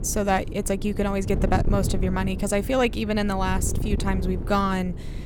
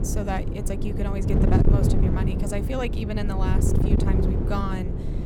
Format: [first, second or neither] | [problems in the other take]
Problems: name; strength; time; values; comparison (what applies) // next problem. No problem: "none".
first | wind noise on the microphone; heavy; as loud as the speech; occasional gusts in the first